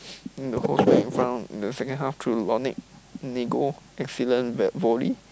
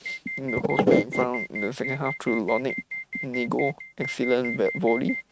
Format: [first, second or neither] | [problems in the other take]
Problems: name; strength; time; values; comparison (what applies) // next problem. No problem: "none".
first | noise reduction (neural mask model RNNoise)